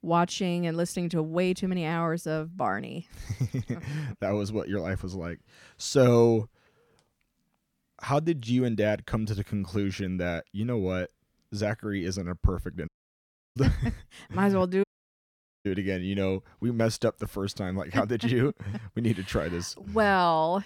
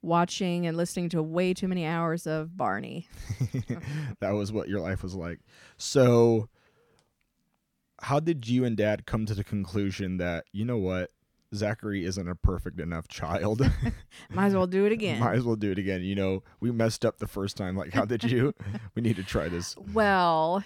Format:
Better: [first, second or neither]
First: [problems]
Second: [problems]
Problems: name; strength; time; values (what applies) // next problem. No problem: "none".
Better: second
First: audio cutting out; at 13 s for 0.5 s and at 15 s for 1 s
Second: none